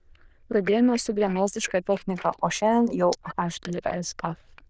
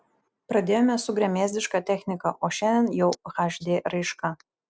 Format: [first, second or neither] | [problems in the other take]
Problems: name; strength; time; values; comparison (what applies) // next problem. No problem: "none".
second | noise reduction (neural diffusion model UNIVERSE++)